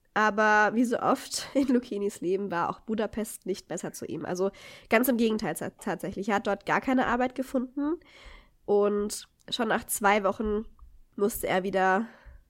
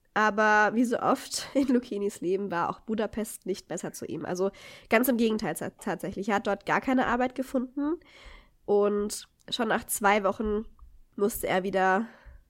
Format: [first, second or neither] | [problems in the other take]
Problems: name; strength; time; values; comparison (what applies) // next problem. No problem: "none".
neither | none